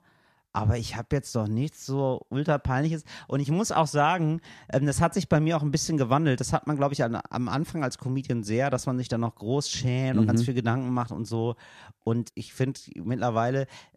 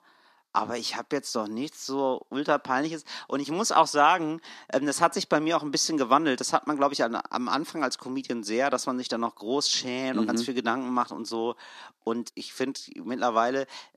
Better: first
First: none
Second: thin; somewhat; fading below 250 Hz

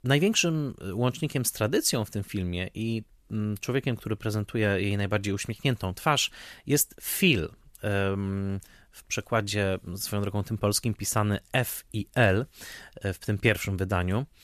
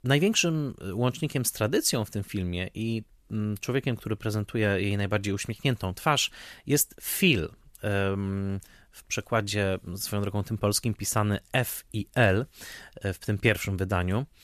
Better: neither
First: none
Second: none

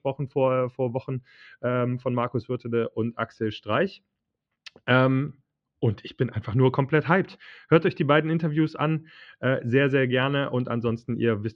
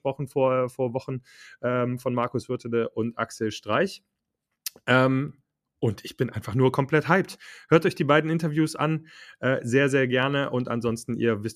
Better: second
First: muffled; slightly; fading above 3.5 kHz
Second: none

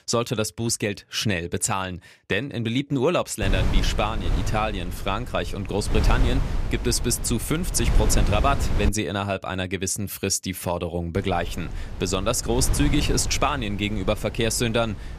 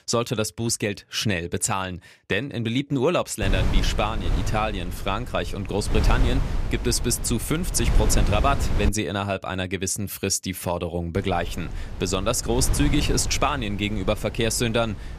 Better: neither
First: wind noise on the microphone; occasional gusts; from 3.5 to 9 s and from 11 s on; 10 dB below the speech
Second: wind noise on the microphone; occasional gusts; from 3.5 to 9 s and from 11 s on; 10 dB below the speech

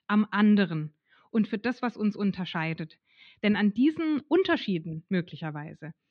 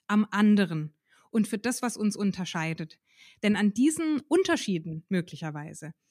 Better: second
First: muffled; slightly; fading above 4 kHz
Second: none

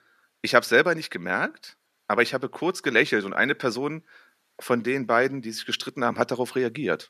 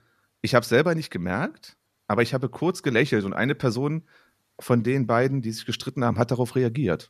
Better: second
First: thin; somewhat; fading below 300 Hz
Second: none

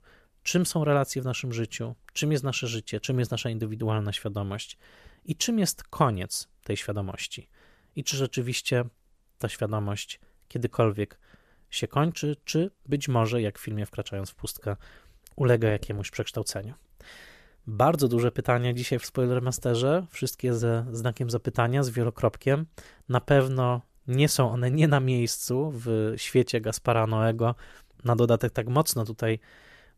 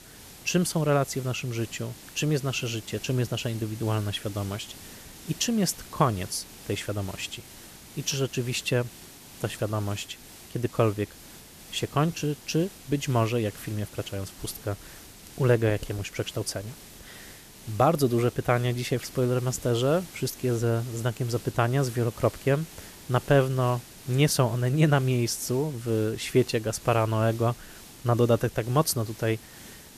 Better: first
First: none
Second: hiss; noticeable; throughout; 15 dB below the speech

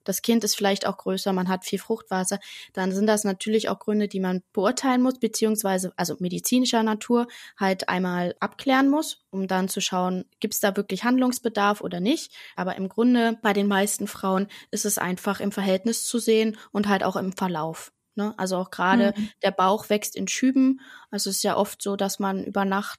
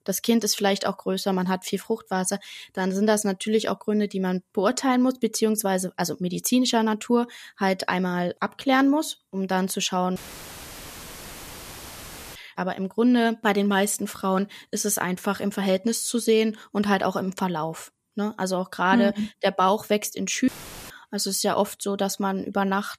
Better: first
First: none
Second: audio cutting out; filled with static; at 10 s for 2 s and at 20 s

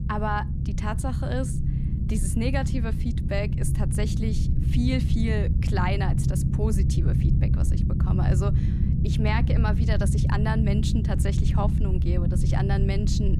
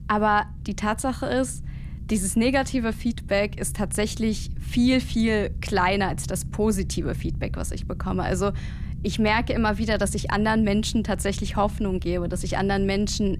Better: second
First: low rumble; loud; throughout; 4 dB below the speech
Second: low rumble; faint; throughout; 20 dB below the speech

